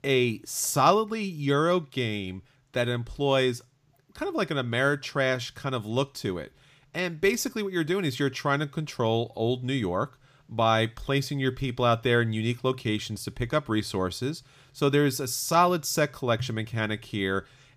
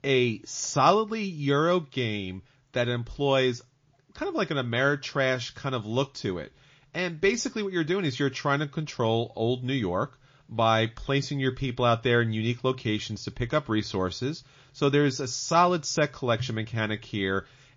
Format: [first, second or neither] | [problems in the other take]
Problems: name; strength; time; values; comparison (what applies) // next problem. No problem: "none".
first | garbled, watery; slightly; nothing above 6.5 kHz